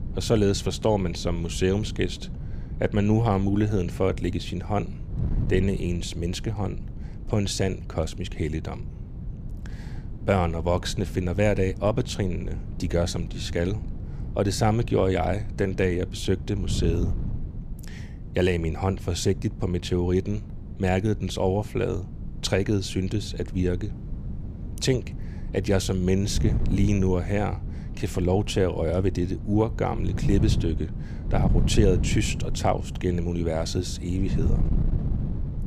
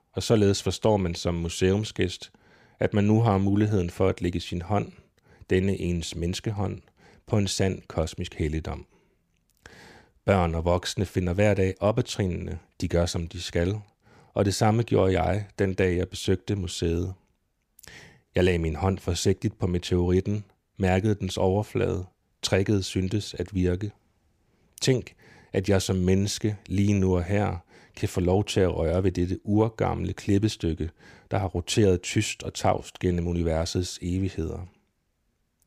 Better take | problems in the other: second | wind noise on the microphone; occasional gusts; 15 dB below the speech

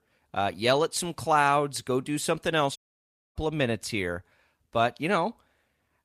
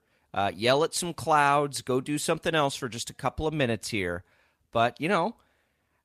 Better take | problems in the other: second | audio cutting out; at 3 s for 0.5 s

